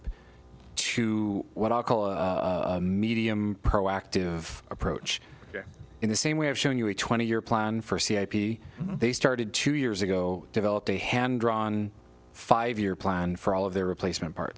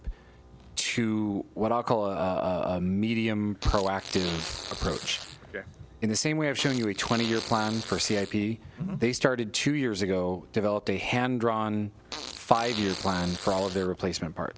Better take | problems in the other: first | background sound (Fart); 11 dB below the speech

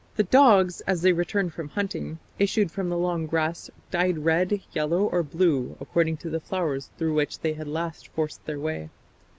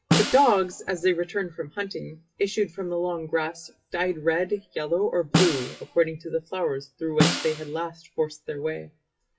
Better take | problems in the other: first | noise reduction (classical method WPE with log-MMSE)

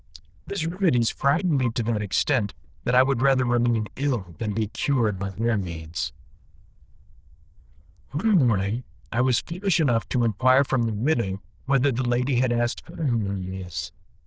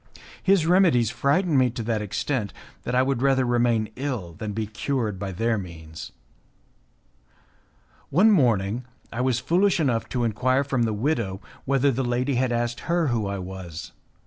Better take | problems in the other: second | noise reduction (neural diffusion model UNIVERSE++)

